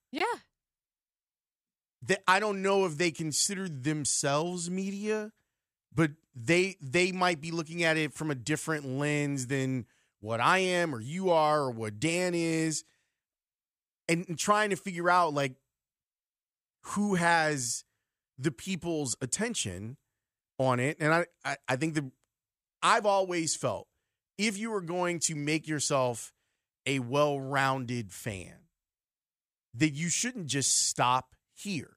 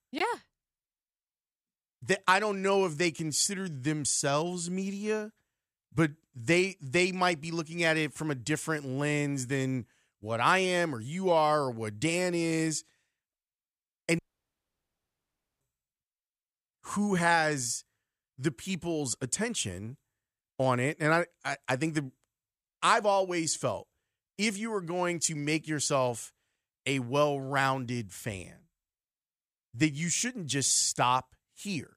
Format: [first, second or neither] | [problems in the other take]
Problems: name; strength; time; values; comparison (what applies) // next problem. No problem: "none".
first | audio cutting out; at 14 s for 1.5 s